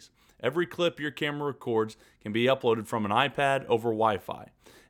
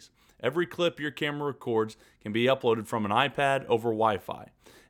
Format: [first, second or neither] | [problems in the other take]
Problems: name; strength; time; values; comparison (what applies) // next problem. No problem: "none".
neither | none